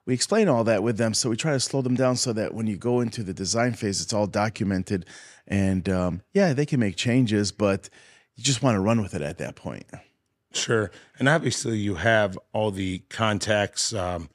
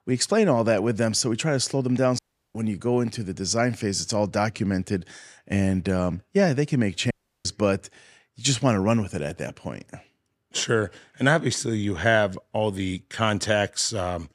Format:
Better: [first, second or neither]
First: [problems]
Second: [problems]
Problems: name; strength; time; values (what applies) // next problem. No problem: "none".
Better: first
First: none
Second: audio cutting out; at 2 s and at 7 s